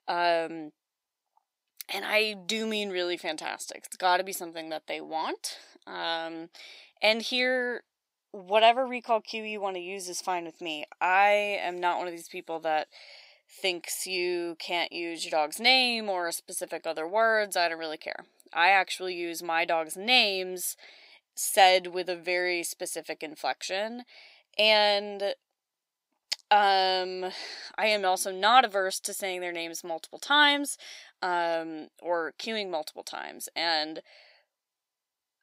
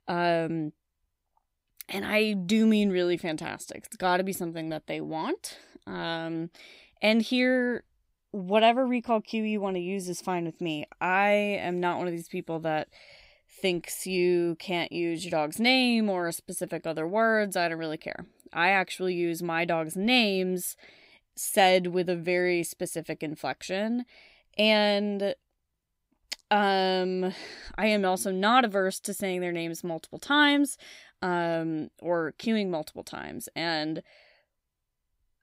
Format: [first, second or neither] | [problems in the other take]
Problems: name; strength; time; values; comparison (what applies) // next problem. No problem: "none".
second | thin; somewhat; fading below 450 Hz